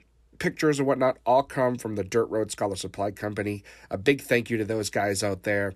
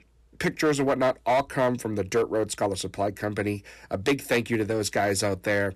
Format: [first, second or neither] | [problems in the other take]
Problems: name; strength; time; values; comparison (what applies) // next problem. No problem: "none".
first | distortion; slight; 6% of the sound clipped